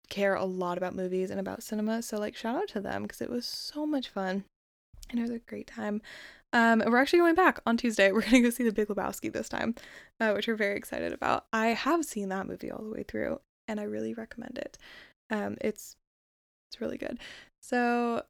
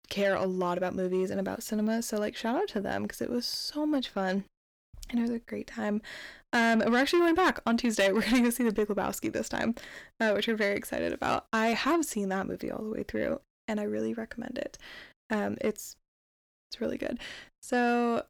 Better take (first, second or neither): first